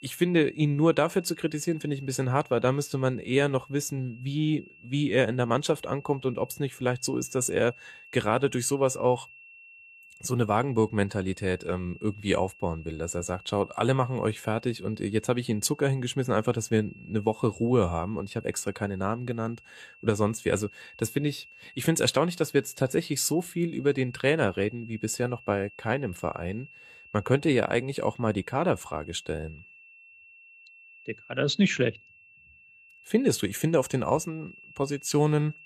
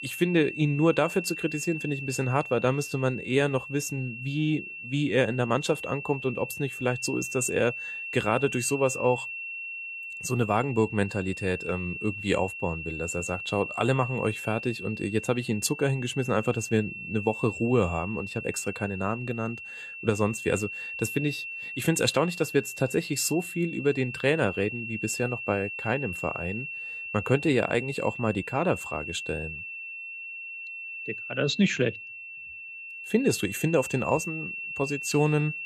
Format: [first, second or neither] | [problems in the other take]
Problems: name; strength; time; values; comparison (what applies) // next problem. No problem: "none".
first | high-pitched whine; loud; throughout; 2.5 kHz, 8 dB below the speech; faint in the first